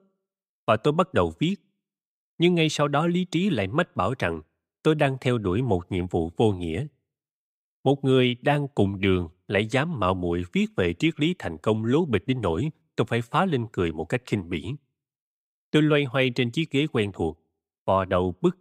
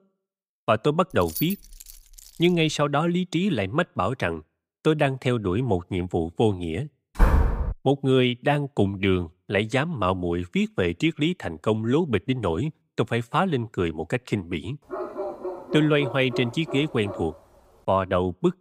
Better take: first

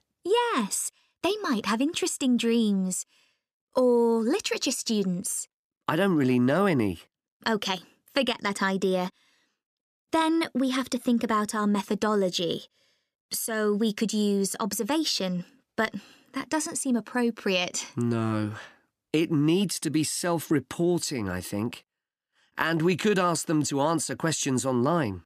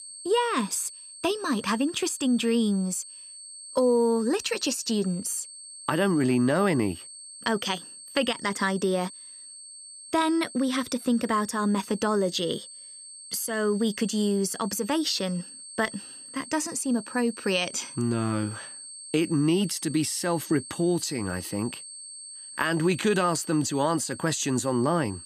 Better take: first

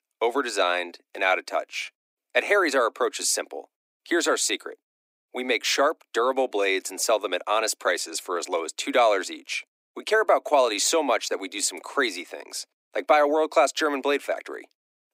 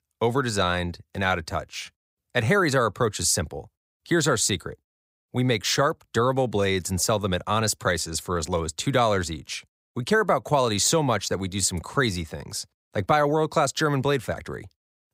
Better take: second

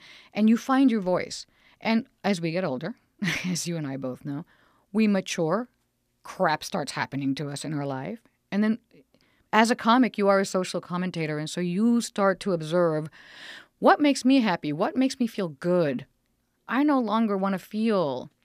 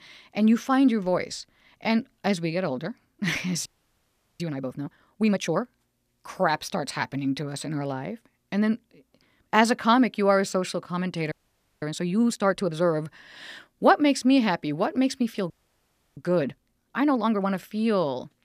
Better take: first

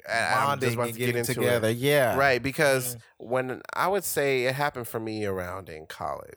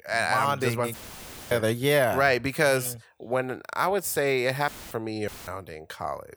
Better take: first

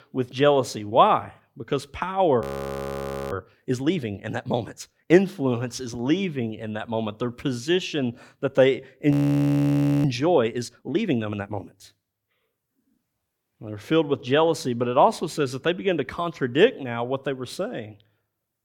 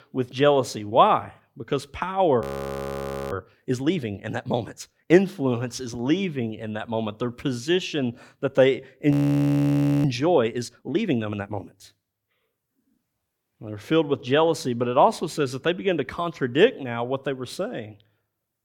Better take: neither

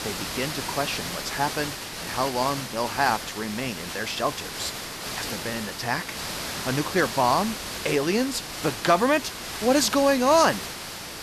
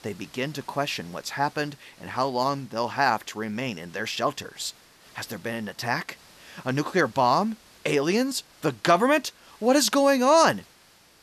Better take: second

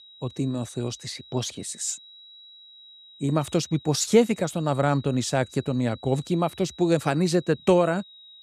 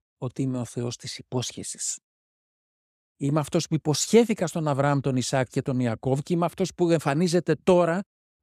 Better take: second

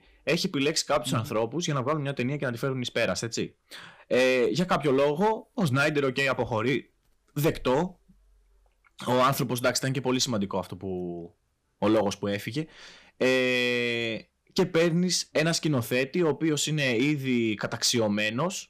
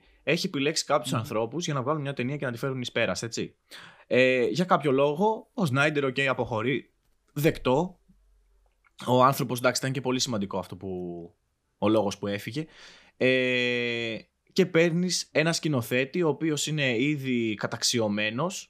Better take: second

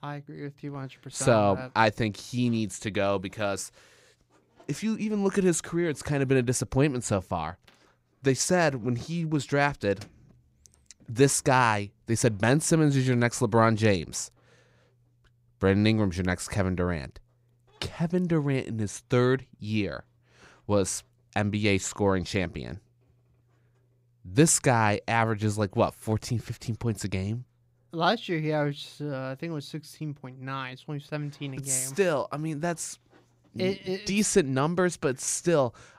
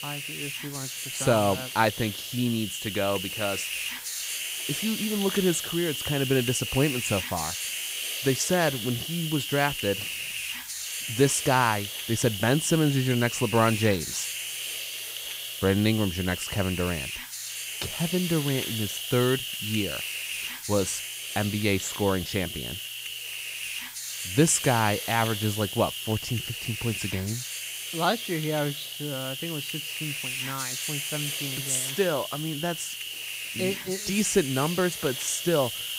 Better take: first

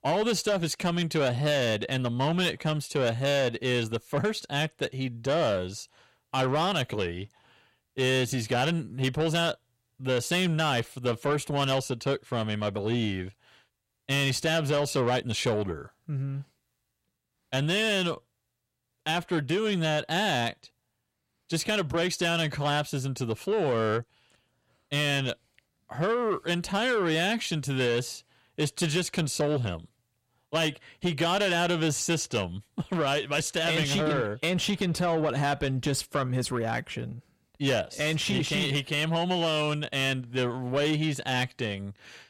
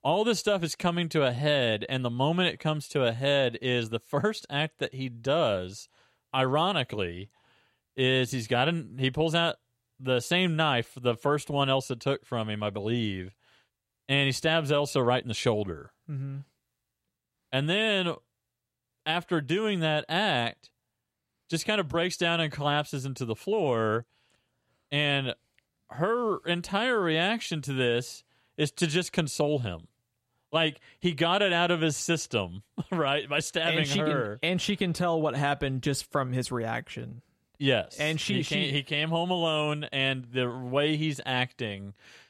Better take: second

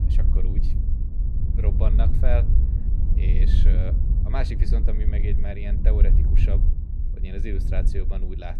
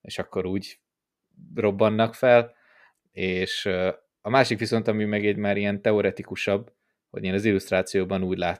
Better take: second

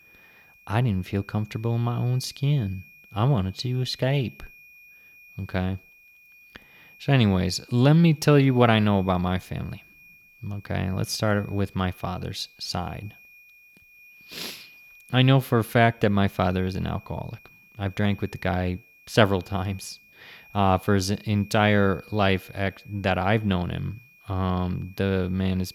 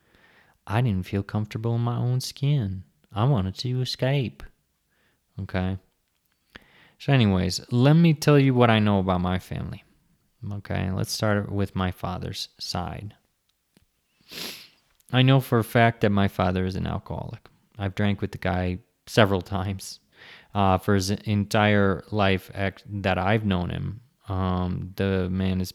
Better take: second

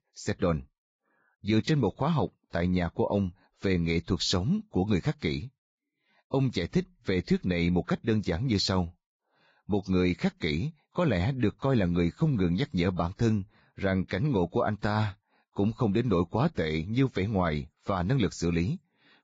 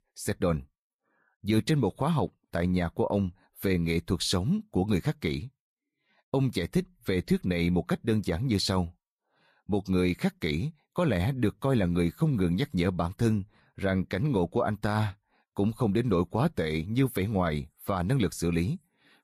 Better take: second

